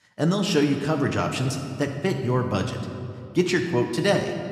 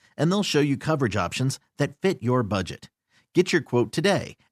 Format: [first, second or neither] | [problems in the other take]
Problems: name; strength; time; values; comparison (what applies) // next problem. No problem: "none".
second | room echo; slight; dies away in 1.9 s